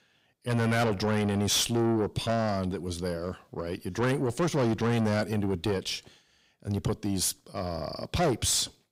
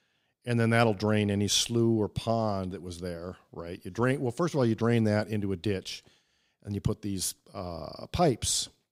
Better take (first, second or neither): second